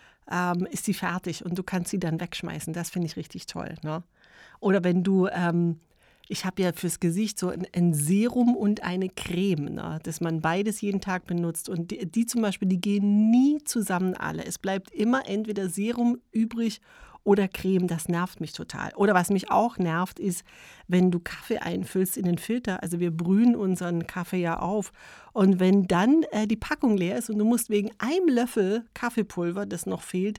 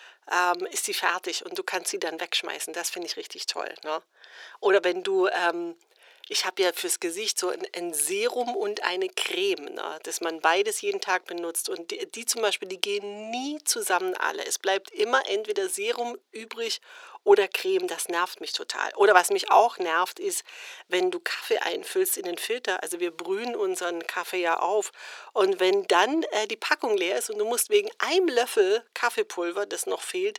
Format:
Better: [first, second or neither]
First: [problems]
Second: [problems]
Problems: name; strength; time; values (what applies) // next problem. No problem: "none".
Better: first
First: none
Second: thin; very; fading below 400 Hz